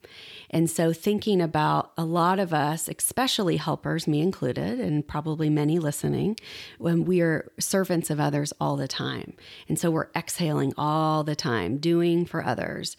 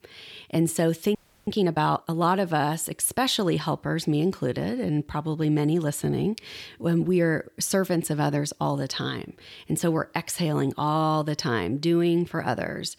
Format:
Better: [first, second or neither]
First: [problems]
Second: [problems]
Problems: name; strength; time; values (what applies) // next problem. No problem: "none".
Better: first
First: none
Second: audio freezing; at 1 s